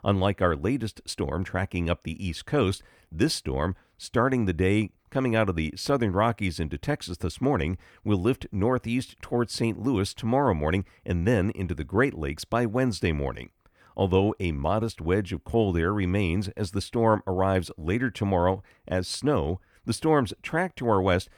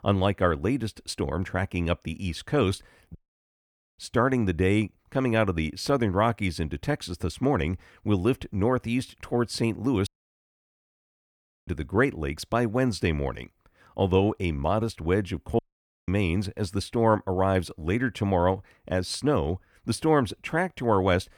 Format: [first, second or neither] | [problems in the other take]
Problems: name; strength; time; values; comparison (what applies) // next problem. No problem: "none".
first | audio cutting out; at 3 s for 1 s, at 10 s for 1.5 s and at 16 s